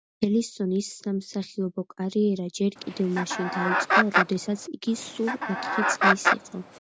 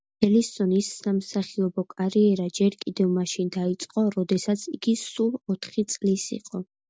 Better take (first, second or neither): second